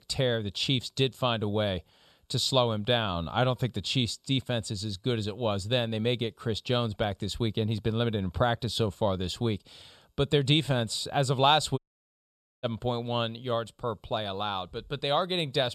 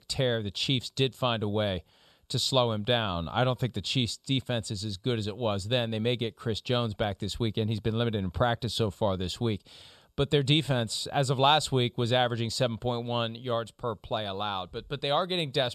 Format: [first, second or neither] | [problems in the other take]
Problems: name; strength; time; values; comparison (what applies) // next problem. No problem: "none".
second | audio cutting out; at 12 s for 1 s